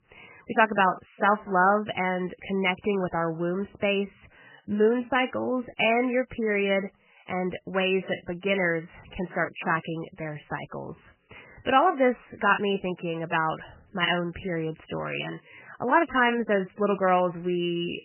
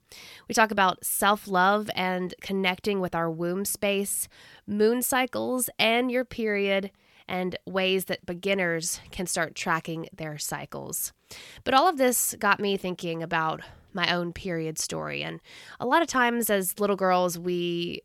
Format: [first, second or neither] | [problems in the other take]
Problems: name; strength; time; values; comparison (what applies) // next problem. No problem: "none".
second | garbled, watery; badly; nothing above 3 kHz